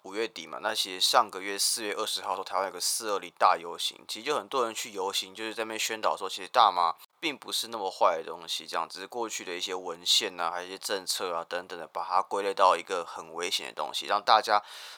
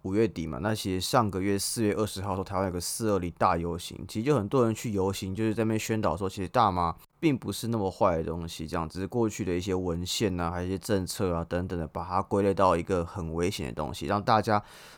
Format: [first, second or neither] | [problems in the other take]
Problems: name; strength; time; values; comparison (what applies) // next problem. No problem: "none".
second | thin; very; fading below 750 Hz